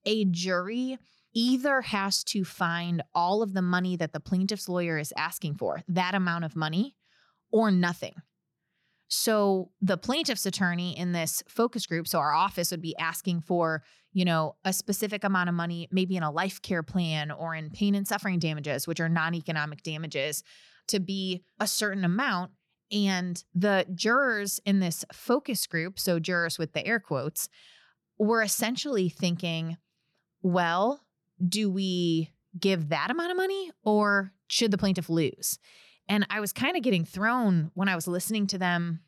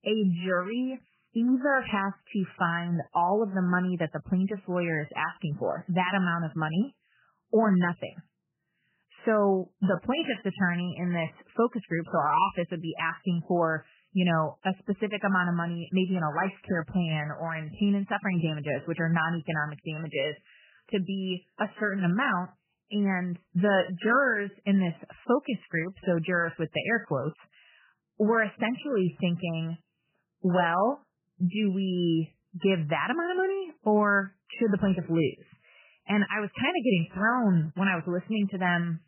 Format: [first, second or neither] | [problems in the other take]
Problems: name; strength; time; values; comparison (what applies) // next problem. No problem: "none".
first | garbled, watery; badly; nothing above 3 kHz